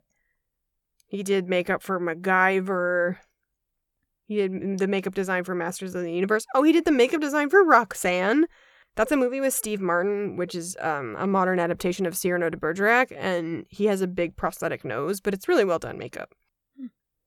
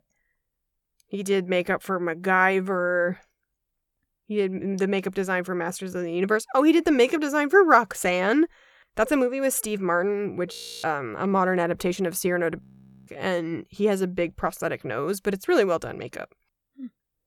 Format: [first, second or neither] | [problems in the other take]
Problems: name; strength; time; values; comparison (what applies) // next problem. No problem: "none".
first | audio freezing; at 11 s and at 13 s